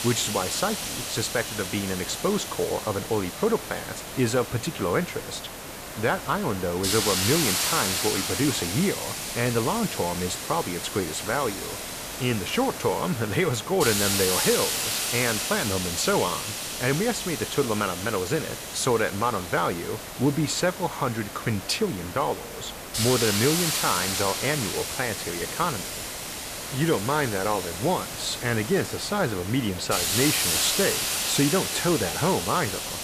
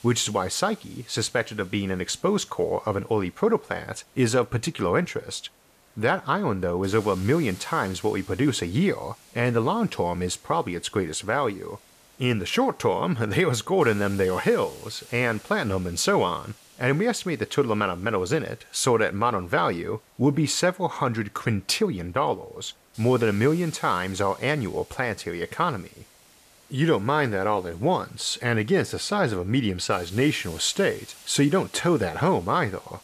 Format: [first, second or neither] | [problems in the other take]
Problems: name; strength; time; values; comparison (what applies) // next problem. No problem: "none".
second | hiss; loud; throughout; 2 dB below the speech; faint in the second